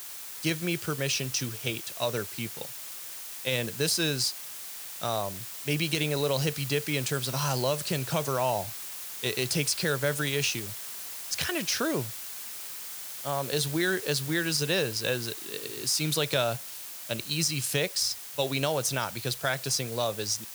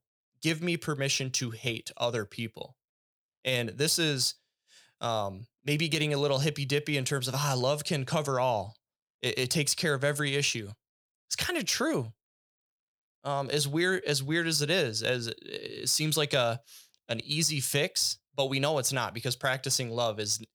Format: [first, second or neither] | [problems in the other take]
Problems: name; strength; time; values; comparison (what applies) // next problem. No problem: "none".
second | hiss; loud; throughout; 8 dB below the speech